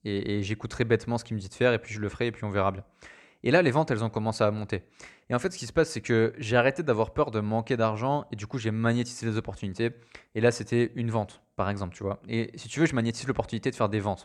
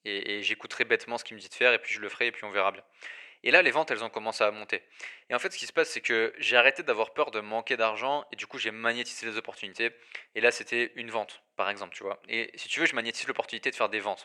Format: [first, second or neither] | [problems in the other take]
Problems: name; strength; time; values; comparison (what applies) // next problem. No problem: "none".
first | thin; very; fading below 500 Hz